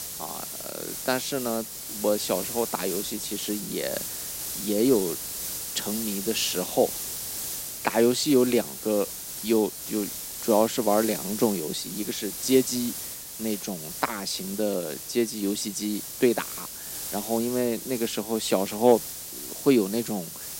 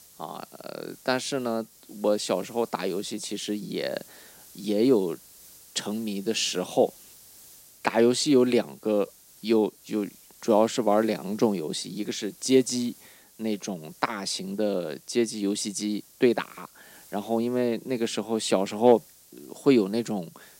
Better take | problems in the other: second | hiss; loud; throughout; 6 dB below the speech; faint in the second

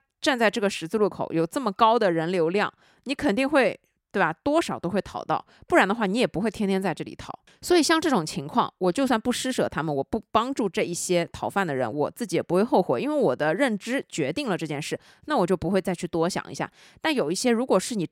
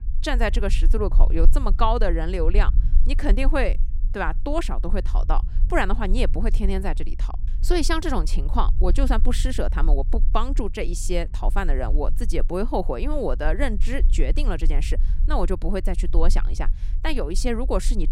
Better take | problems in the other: first | low rumble; faint; throughout; 20 dB below the speech

